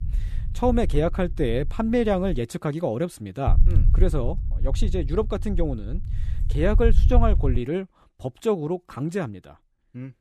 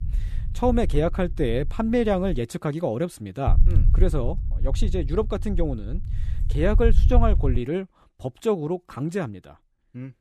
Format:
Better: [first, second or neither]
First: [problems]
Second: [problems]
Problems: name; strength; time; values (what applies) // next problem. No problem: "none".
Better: neither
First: low rumble; noticeable; until 2.5 s and from 3.5 to 7.5 s; 15 dB below the speech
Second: low rumble; noticeable; until 2.5 s and from 3.5 to 7.5 s; 15 dB below the speech